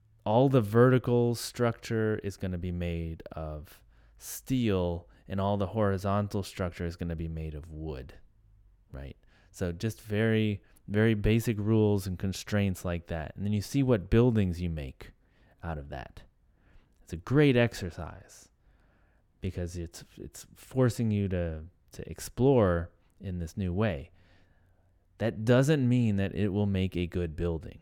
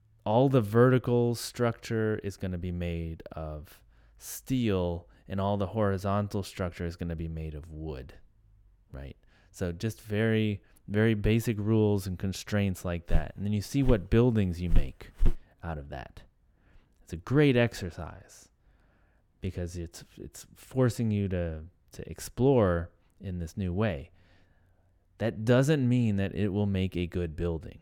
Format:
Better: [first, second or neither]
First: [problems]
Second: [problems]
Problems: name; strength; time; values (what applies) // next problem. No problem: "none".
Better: first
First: none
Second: footsteps; noticeable; from 13 to 15 s; peak 4 dB below the speech